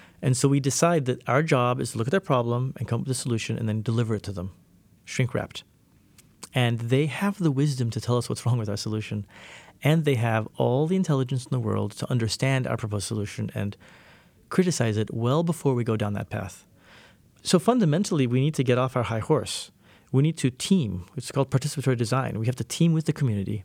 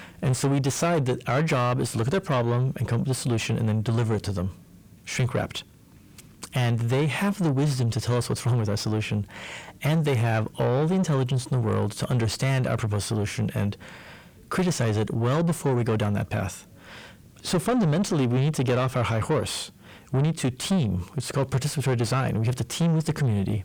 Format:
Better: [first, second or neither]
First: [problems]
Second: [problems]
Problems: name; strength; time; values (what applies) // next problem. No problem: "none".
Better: first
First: none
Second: distortion; heavy; 8 dB below the speech